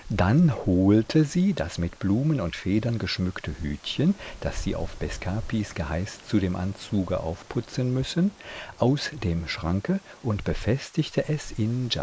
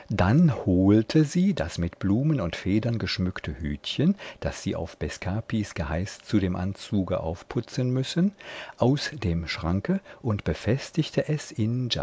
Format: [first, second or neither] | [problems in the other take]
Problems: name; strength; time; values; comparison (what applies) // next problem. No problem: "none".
second | noise reduction (neural mask model Resemble Enhance denoiser)